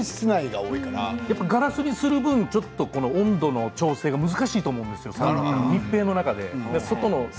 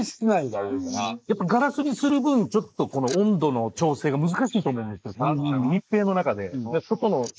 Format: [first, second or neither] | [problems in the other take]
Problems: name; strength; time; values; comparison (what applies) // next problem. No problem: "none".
first | noise reduction (neural mask model Resemble Enhance denoiser)